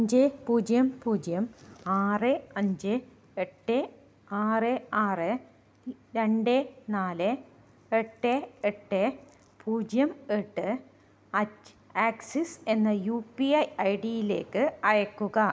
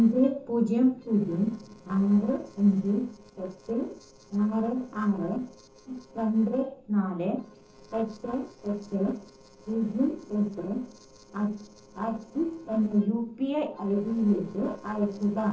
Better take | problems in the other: first | noise reduction (neural separator model SepFormer DNS4)

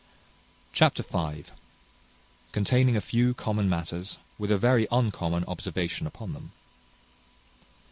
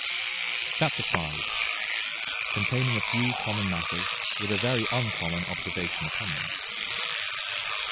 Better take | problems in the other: first | background sound (Engine / Domestic sounds, home sounds); 3 dB above the speech

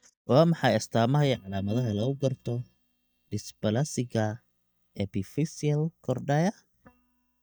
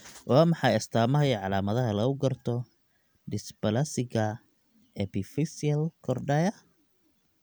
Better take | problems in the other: second | noise reduction (neural mask model DeepFilterNet 3)

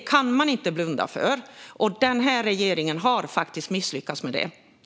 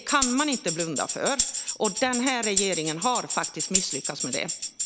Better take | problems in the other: first | background sound (Tambourine); 1 dB below the speech

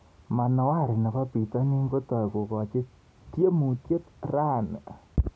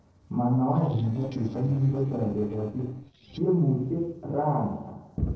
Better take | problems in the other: first | noise reduction (neural separator model SepFormer DNS4)

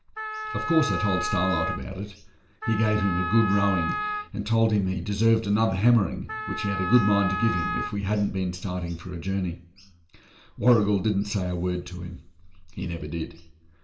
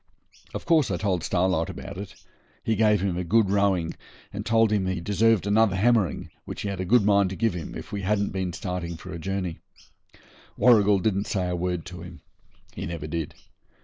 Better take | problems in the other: second | background sound (Wind instrument, woodwind instrument); 5 dB below the speech // room echo; dies away in 0.5 s

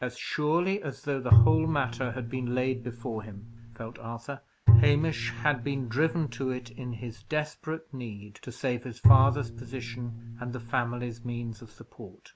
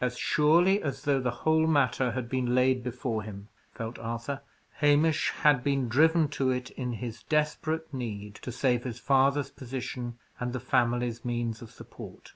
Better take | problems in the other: second | background sound (Bowed string instrument); 3 dB above the speech

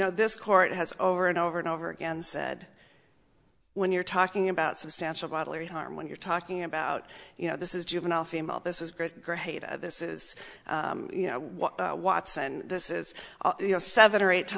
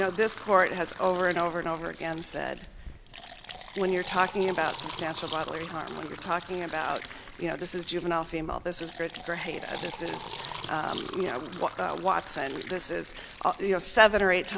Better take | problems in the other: first | background sound (Fill (with liquid)); 13 dB below the speech

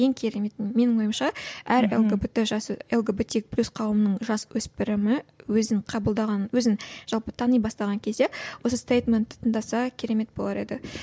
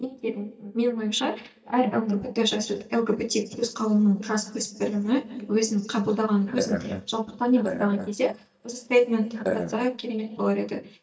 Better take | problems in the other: first | noise reduction (neural mask model DeepFilterNet 3)

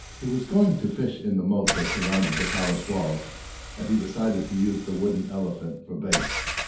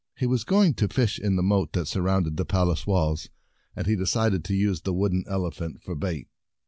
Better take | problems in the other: second | background sound (Engine / Car); 6 dB below the speech // room echo; dies away in 0.6 s

